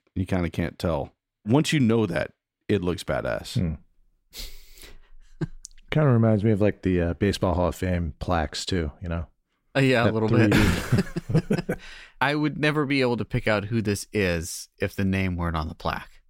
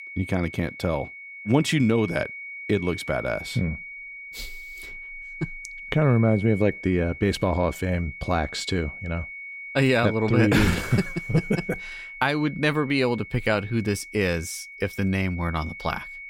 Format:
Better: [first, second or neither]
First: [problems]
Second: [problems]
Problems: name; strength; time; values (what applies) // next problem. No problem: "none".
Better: first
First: none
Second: high-pitched whine; noticeable; throughout; 2 kHz, 10 dB below the speech